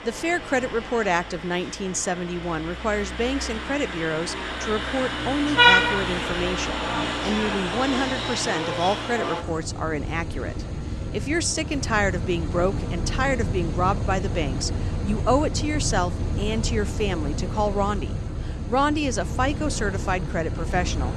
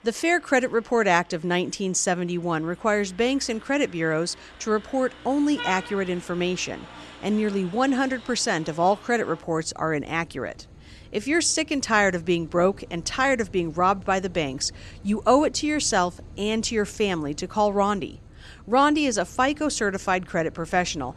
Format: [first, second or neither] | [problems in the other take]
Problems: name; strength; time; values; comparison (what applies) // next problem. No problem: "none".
second | traffic noise; loud; throughout; 1 dB below the speech; faint in the second